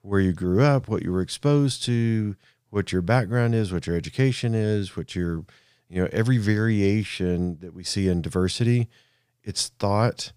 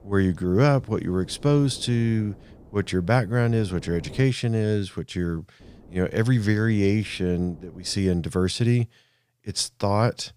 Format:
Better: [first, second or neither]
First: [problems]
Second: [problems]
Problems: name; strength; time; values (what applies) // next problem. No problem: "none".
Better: first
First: none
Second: wind noise on the microphone; occasional gusts; until 4 s and from 5.5 to 8 s; 25 dB below the speech